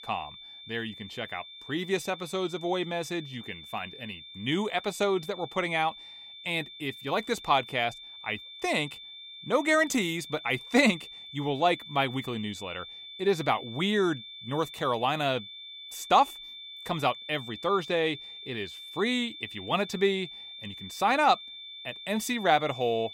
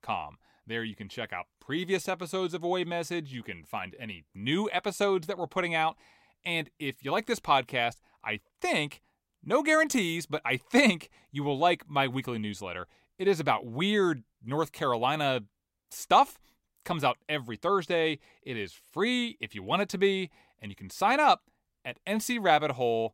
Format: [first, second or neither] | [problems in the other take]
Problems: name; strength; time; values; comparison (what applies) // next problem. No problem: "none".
second | high-pitched whine; noticeable; throughout; 3.5 kHz, 15 dB below the speech